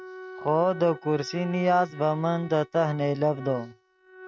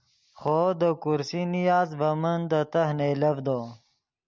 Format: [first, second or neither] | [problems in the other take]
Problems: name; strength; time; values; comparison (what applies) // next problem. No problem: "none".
second | noise reduction (neural mask model RNNoise)